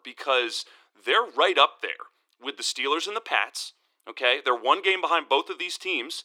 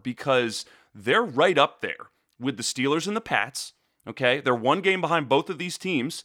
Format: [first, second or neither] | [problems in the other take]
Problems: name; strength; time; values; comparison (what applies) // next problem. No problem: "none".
second | thin; very; fading below 350 Hz